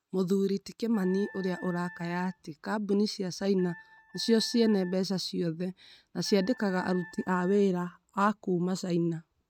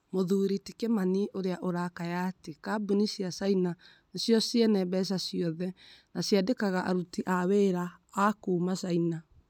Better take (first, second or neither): second